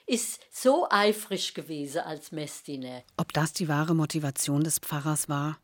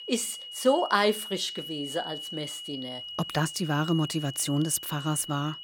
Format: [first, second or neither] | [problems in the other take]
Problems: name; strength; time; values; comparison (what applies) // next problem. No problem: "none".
first | high-pitched whine; loud; throughout; 3 kHz, 9 dB below the speech